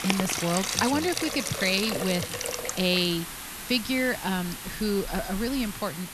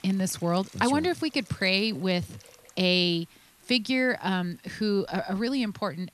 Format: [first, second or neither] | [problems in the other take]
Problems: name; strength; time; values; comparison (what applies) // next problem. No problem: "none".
second | hiss; loud; throughout; 4 dB below the speech; faint in the second